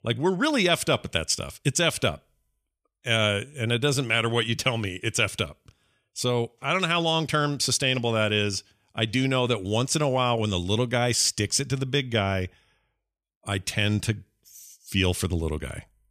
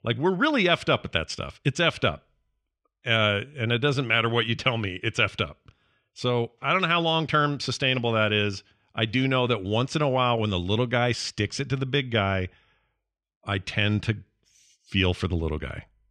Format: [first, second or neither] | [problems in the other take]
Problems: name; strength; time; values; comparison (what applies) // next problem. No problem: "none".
first | muffled; slightly; fading above 3 kHz